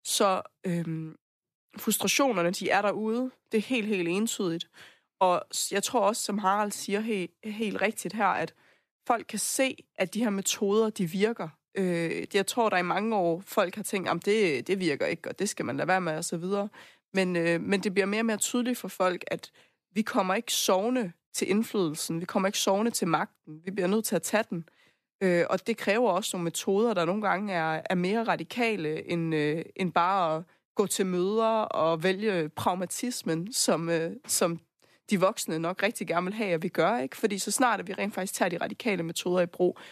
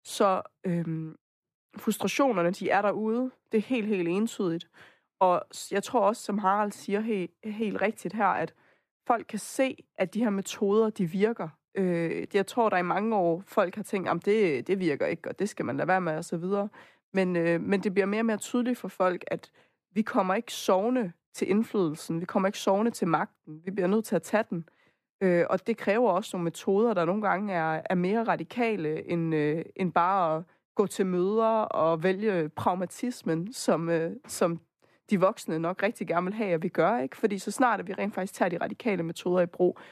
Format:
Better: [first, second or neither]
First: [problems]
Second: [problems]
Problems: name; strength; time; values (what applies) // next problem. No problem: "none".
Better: first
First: none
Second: muffled; slightly; fading above 2.5 kHz